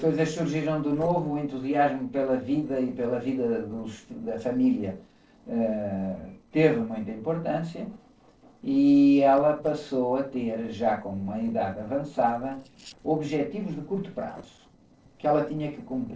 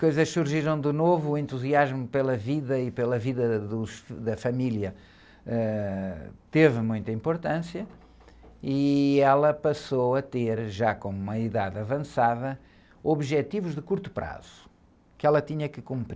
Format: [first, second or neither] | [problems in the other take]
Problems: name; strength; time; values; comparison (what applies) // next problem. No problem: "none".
second | noise reduction (neural separator model SepFormer DNS4)